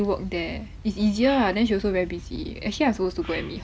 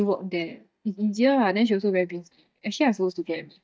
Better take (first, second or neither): first